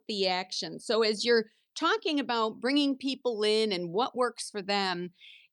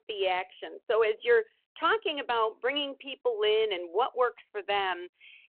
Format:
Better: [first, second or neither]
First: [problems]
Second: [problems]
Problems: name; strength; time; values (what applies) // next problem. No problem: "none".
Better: first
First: none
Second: phone-call audio